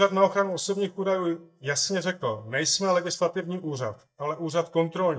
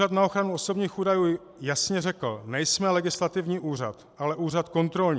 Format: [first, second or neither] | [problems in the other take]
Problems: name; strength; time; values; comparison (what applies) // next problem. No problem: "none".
second | noise reduction (neural mask model DeepFilterNet 3)